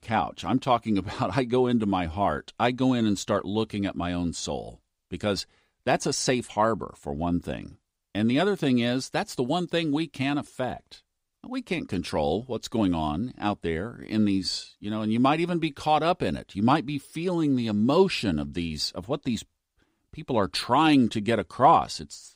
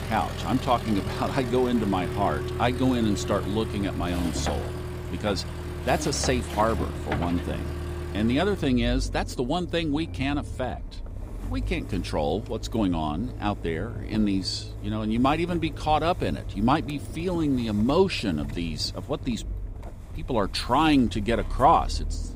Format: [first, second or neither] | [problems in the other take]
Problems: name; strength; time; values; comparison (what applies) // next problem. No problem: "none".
first | traffic noise; loud; throughout; 8 dB below the speech